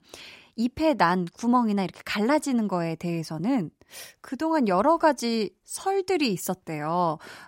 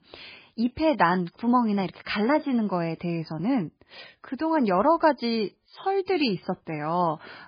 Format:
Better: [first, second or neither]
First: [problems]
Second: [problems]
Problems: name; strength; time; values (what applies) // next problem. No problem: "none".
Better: first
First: none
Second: garbled, watery; badly; nothing above 5 kHz